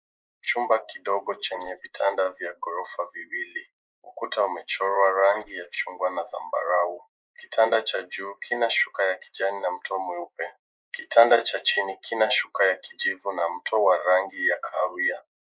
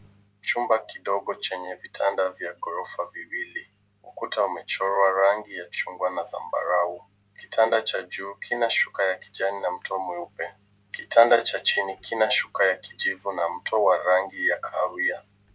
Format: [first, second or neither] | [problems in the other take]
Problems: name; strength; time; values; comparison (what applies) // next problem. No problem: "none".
second | noise reduction (neural mask model Resemble Enhance denoiser)